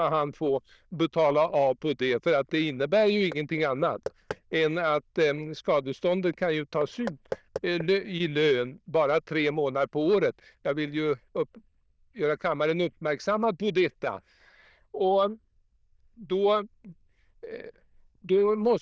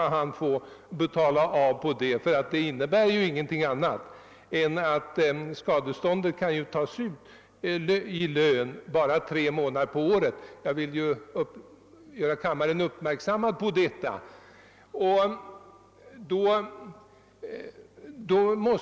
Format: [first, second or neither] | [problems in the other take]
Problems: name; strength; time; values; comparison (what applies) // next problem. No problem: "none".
second | noise reduction (neural diffusion model UNIVERSE++)